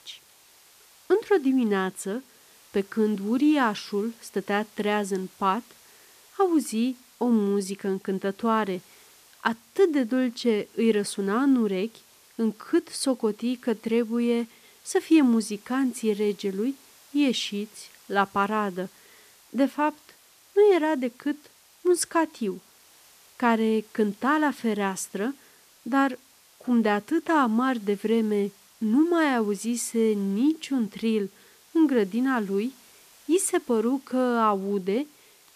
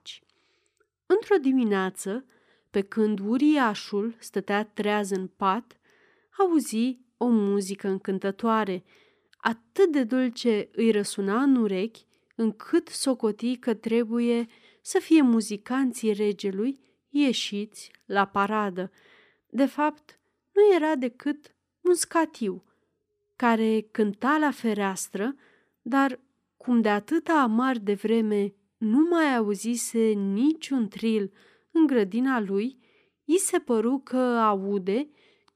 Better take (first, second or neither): second